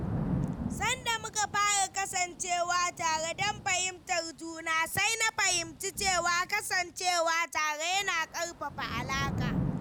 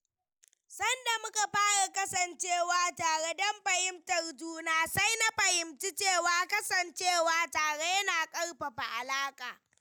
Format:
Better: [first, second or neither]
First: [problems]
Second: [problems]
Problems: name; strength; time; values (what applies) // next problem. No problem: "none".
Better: second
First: background sound (Thunder / Rain); 8 dB below the speech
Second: none